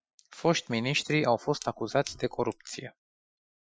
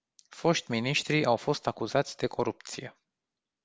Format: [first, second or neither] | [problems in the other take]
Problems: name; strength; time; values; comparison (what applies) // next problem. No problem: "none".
second | noise reduction (classical method Wiener filter)